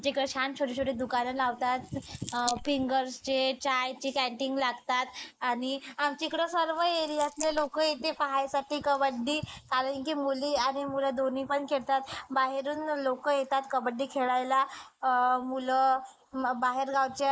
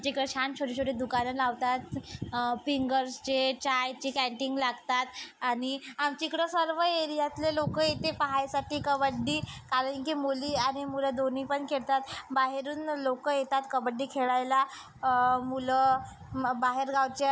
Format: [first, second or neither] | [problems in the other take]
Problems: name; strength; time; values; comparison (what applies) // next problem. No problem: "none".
second | noise reduction (neural mask model Resemble Enhance denoiser)